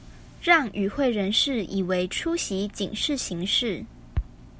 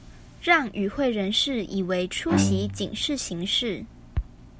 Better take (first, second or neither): first